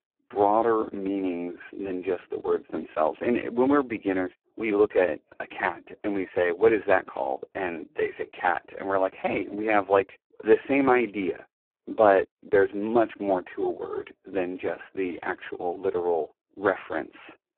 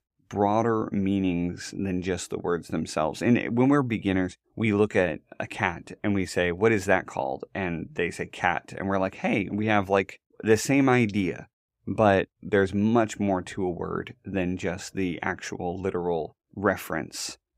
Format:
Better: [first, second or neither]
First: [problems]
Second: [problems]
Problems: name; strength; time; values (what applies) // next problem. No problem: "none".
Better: second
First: phone-call audio; poor line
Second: none